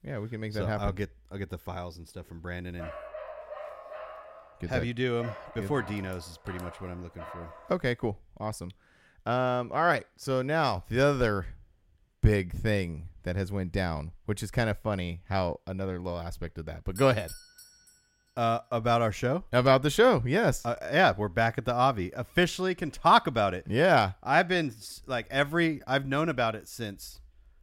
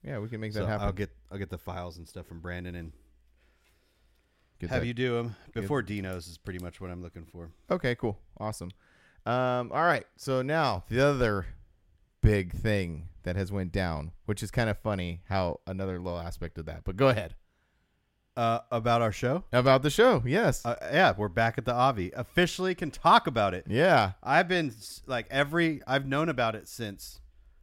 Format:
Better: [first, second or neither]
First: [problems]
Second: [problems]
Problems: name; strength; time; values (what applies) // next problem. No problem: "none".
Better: second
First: dog barking; faint; from 3 to 7.5 s; peak 15 dB below the speech // doorbell; faint; at 17 s; peak 15 dB below the speech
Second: none